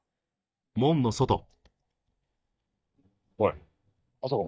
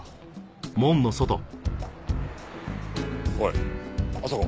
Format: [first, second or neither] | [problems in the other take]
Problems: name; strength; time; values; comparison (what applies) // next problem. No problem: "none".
second | noise reduction (neural mask model DeepFilterNet 3)